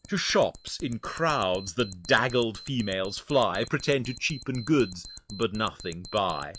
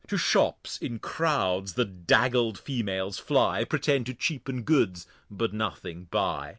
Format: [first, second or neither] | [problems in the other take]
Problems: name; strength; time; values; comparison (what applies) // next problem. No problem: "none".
second | noise reduction (classical method log-MMSE)